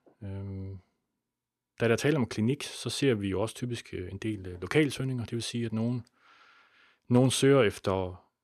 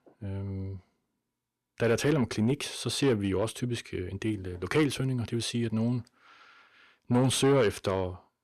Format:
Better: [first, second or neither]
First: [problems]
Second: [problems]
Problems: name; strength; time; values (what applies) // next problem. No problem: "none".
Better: first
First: none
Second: distortion; slight; 10 dB below the speech